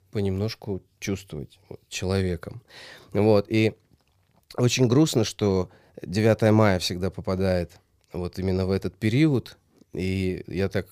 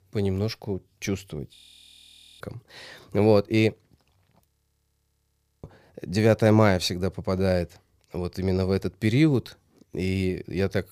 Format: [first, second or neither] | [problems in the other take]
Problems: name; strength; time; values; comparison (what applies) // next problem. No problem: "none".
first | audio freezing; at 1.5 s for 1 s and at 4.5 s for 1 s